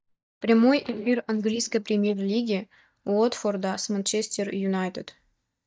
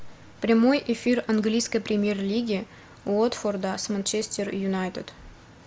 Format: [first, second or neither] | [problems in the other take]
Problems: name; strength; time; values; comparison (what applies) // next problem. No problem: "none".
second | noise reduction (neural mask model DeepFilterNet 3)